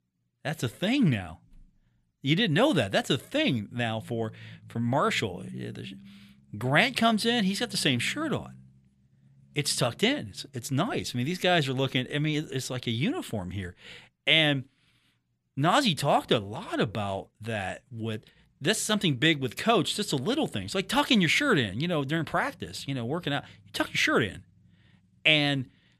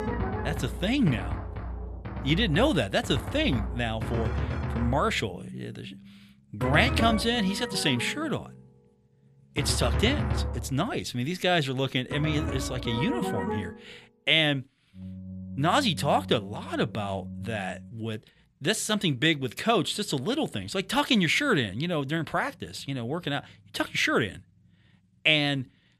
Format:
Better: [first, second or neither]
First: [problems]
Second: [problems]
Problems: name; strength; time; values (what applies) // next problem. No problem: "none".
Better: first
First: none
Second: background music; loud; until 18 s; 7 dB below the speech